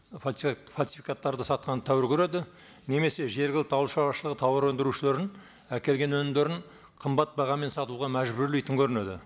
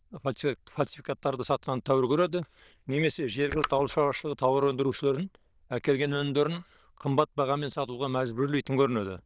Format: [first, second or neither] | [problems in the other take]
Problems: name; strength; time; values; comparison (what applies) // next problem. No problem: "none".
first | noise reduction (neural diffusion model UNIVERSE++)